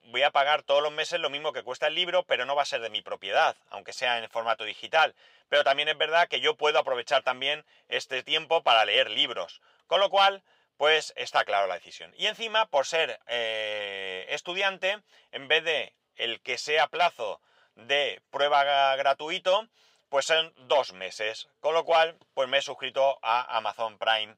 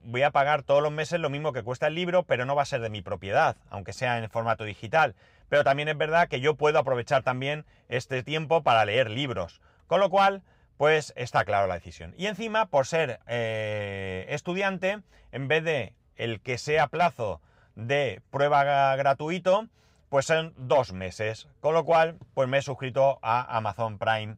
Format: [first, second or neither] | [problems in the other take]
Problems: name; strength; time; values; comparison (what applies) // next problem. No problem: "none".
second | thin; very; fading below 450 Hz